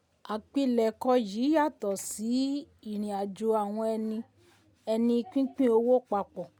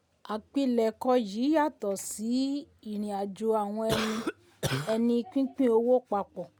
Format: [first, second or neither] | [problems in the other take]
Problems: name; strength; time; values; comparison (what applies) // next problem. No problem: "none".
first | background sound (Cough); 5 dB below the speech